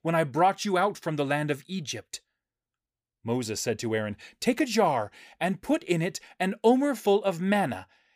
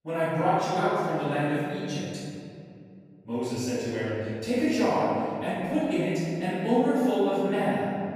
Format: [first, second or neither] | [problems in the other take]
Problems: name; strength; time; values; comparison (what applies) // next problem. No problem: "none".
first | off-mic speech; far // room echo; strong; dies away in 2.6 s